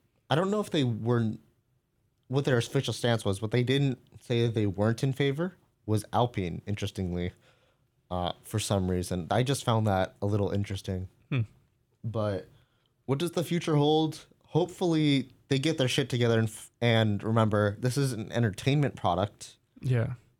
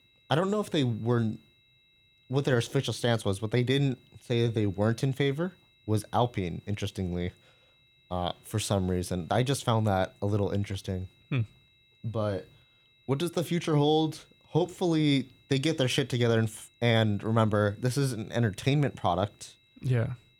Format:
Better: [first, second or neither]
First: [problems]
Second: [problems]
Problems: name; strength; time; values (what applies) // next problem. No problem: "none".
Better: first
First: none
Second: high-pitched whine; faint; throughout; 4 kHz, 35 dB below the speech